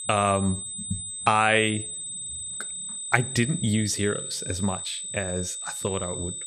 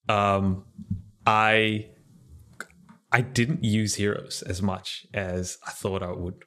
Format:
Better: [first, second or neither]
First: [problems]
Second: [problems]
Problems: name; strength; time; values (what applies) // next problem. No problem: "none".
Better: second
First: high-pitched whine; loud; throughout; 8 kHz, 5 dB below the speech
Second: none